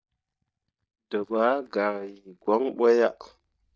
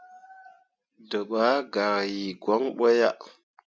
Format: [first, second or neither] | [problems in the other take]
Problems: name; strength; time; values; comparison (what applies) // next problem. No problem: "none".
second | noise reduction (neural mask model DeepFilterNet 3)